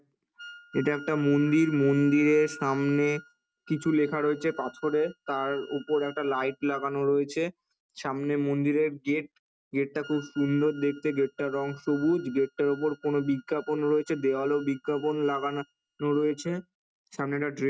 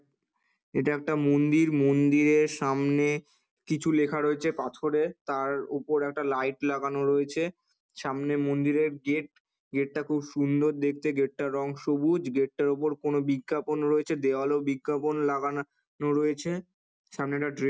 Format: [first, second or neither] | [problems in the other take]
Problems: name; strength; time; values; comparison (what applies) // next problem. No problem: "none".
second | noise reduction (neural mask model RNNoise)